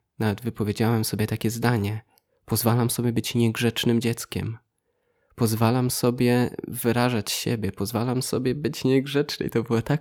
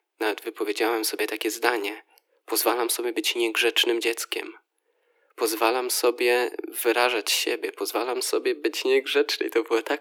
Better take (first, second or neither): first